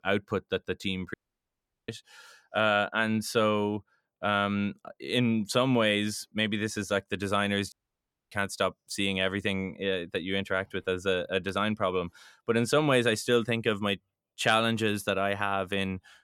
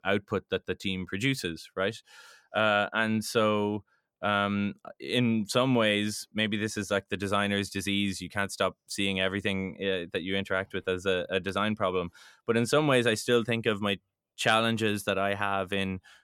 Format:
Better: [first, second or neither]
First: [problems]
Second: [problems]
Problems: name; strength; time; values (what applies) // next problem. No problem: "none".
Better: second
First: audio cutting out; at 1 s for 0.5 s and at 7.5 s for 0.5 s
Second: none